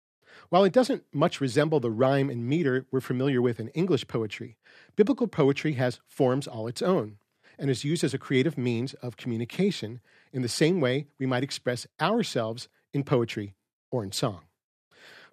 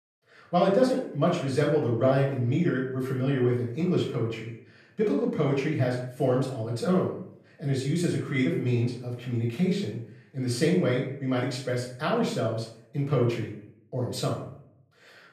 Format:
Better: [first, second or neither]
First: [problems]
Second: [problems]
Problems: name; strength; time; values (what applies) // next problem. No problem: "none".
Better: first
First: none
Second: room echo; noticeable; dies away in 0.5 s // off-mic speech; far